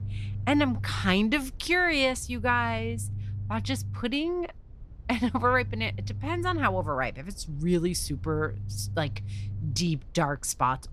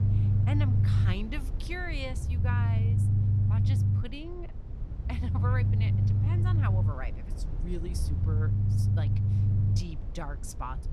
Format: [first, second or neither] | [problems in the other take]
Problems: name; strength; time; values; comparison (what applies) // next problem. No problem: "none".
first | low rumble; loud; throughout; as loud as the speech; faint in the first